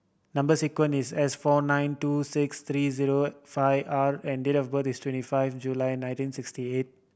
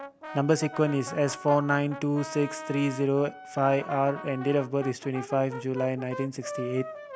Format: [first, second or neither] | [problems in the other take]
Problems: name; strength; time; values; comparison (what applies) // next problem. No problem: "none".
first | background sound (Wind instrument, woodwind instrument + Brass instrument); 12 dB below the speech